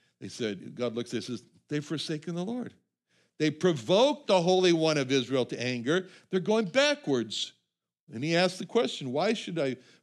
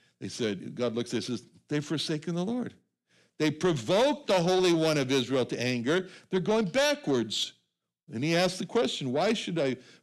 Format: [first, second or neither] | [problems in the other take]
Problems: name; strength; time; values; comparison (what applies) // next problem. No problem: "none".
first | distortion; slight; 10 dB below the speech